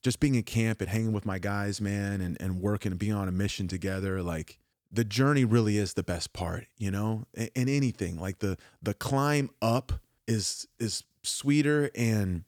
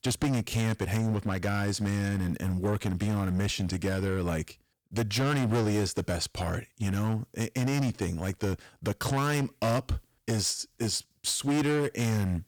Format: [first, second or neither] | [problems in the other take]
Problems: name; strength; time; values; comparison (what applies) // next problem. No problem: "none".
first | distortion; heavy; 14% of the sound clipped